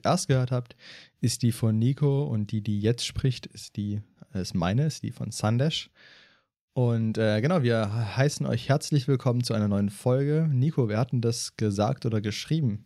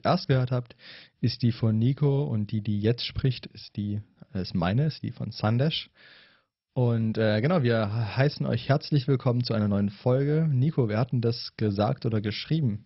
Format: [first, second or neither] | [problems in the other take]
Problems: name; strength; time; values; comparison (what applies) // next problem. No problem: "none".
first | garbled, watery; badly; nothing above 5.5 kHz